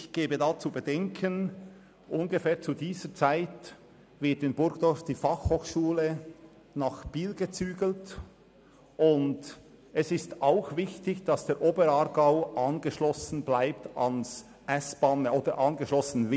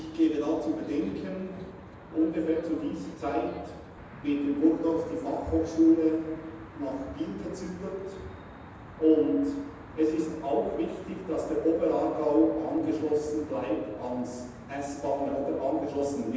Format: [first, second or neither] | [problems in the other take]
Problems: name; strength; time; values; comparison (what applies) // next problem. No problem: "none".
first | background sound (Traffic noise, roadway noise); 17 dB below the speech // room echo; dies away in 1.1 s